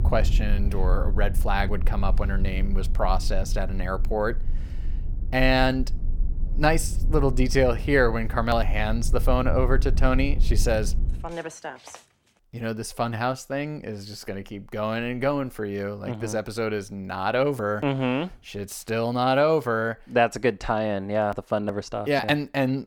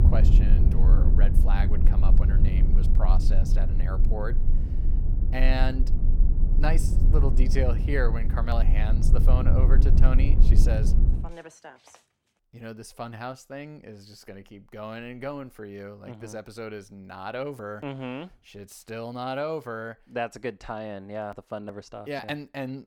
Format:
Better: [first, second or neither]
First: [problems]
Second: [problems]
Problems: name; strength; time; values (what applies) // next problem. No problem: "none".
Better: first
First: low rumble; faint; until 11 s; 20 dB below the speech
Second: low rumble; loud; until 11 s; 6 dB below the speech